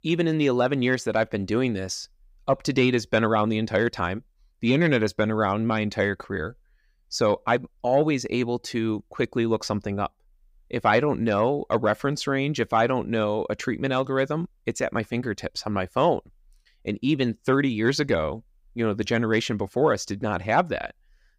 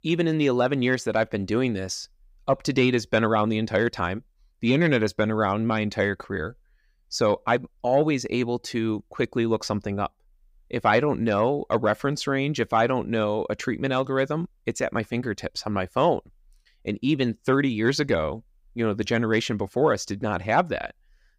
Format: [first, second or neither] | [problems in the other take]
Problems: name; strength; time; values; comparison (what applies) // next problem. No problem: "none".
neither | none